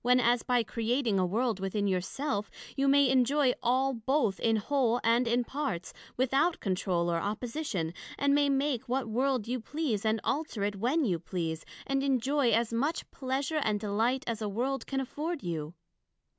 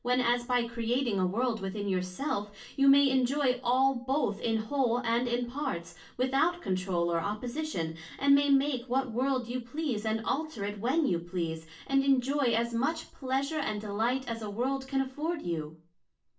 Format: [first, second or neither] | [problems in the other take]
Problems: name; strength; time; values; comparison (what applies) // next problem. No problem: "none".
first | room echo; dies away in 0.3 s